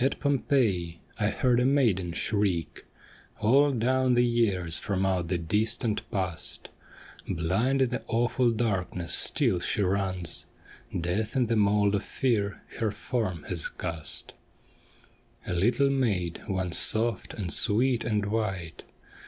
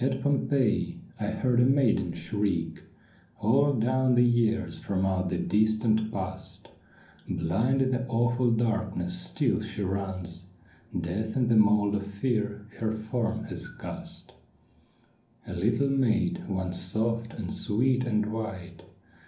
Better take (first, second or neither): first